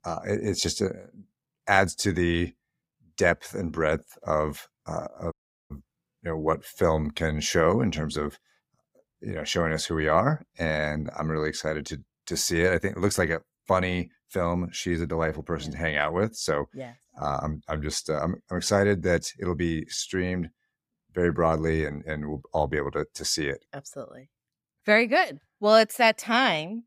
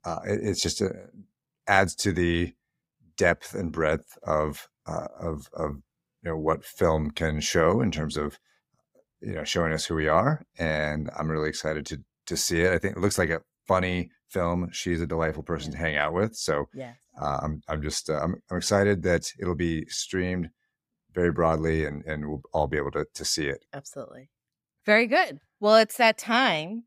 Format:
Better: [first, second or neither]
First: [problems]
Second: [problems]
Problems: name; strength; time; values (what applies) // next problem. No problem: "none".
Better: second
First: audio cutting out; at 5.5 s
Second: none